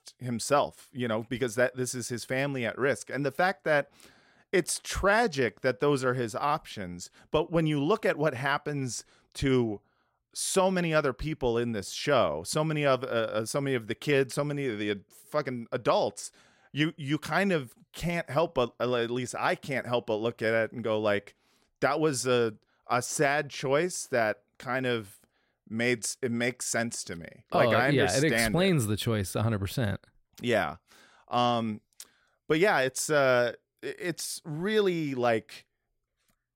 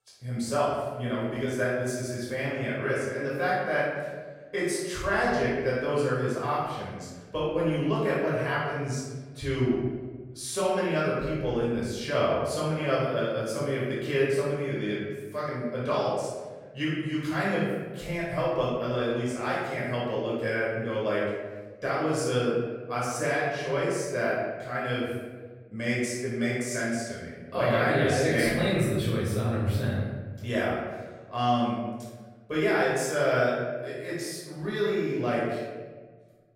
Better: first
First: none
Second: room echo; strong; dies away in 1.3 s // off-mic speech; far

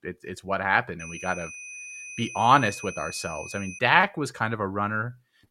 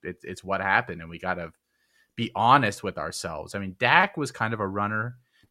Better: second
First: high-pitched whine; noticeable; from 1 to 4 s; 2.5 kHz, 15 dB below the speech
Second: none

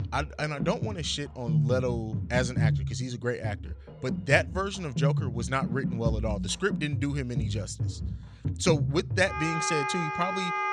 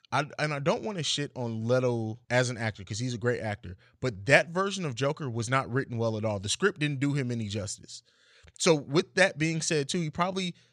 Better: second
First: background music; loud; throughout; 2 dB below the speech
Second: none

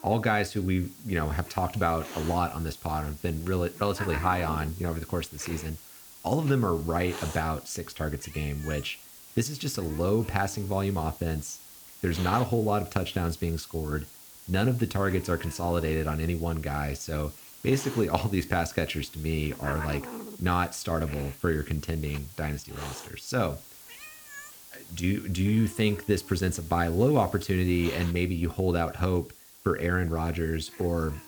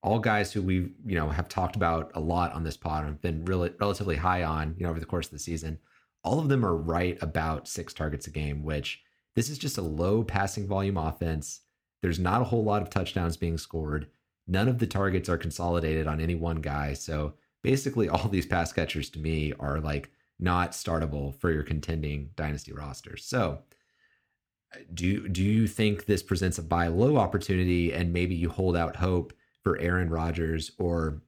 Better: second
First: hiss; noticeable; throughout; 15 dB below the speech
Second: none

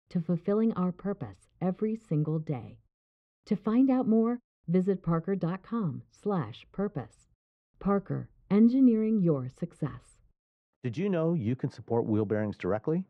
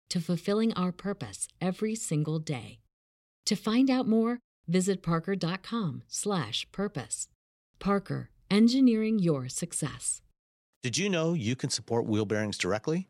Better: second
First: muffled; very; fading above 3 kHz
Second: none

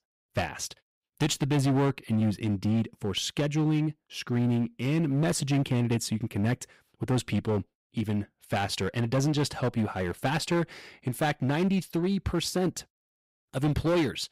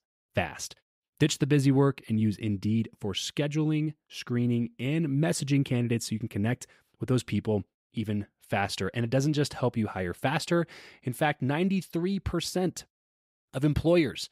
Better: second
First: distortion; slight; 11% of the sound clipped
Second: none

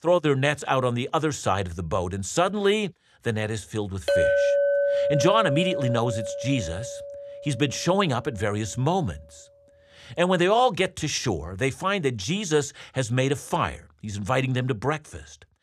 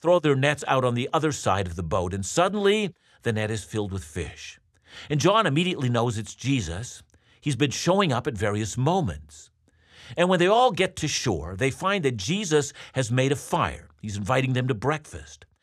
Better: second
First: clattering dishes; loud; from 4 to 7.5 s; peak 4 dB above the speech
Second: none

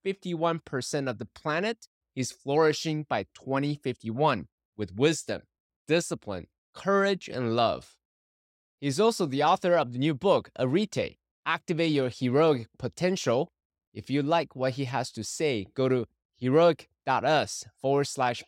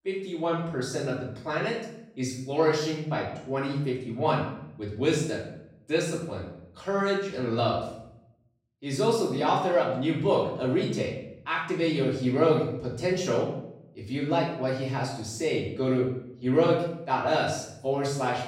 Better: first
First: none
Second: off-mic speech; far // room echo; noticeable; dies away in 0.7 s

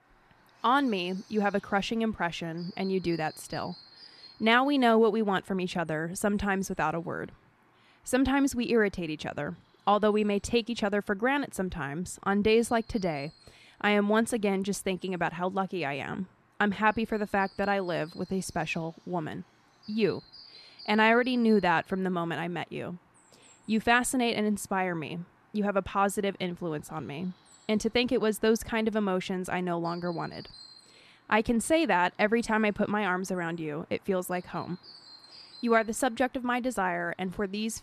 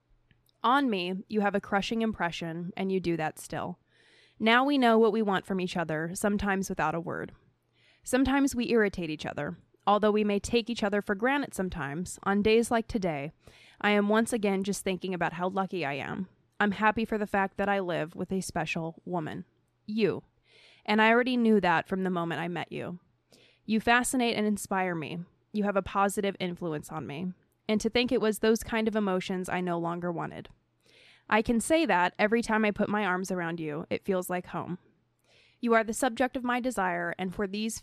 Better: second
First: animal sounds; faint; throughout; 25 dB below the speech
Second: none

